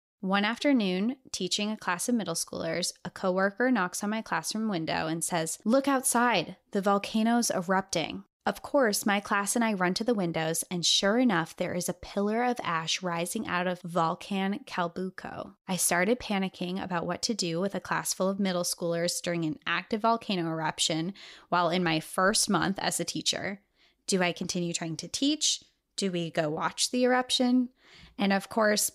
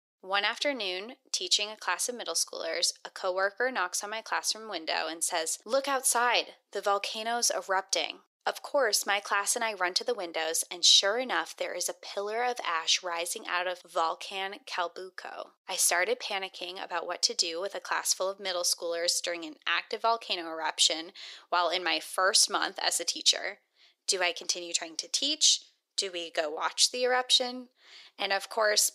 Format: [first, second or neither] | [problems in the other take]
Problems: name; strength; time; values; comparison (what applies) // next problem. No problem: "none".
first | thin; very; fading below 400 Hz